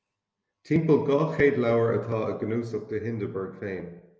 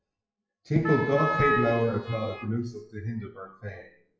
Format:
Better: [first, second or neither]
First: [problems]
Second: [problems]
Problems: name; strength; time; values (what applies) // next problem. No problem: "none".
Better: first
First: none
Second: noise reduction (classical method WPE with log-MMSE)